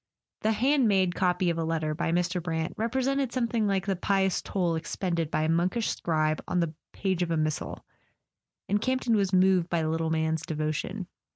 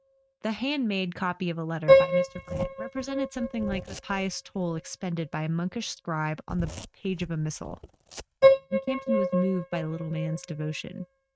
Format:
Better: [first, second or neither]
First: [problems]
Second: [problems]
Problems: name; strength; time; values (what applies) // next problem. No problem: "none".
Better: first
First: none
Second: noise reduction (neural mask model RNNoise)